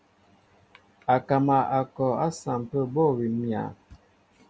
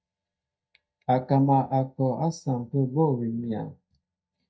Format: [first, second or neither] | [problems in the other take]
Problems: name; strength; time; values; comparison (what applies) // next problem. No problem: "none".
first | noise reduction (neural mask model DeepFilterNet 3)